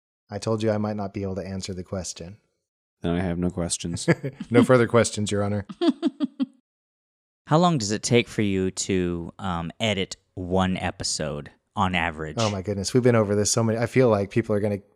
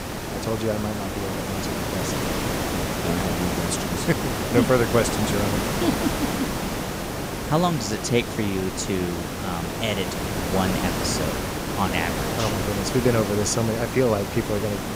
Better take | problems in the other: first | hiss; loud; throughout; 1 dB below the speech

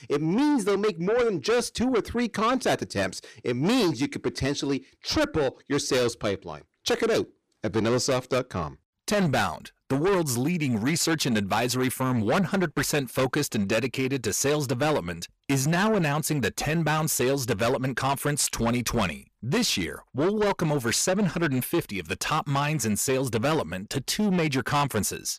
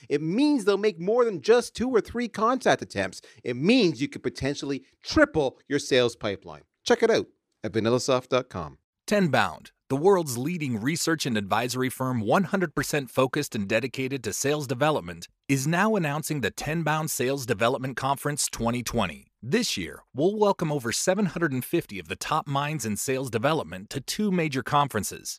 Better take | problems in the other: second | distortion; heavy; 7 dB below the speech

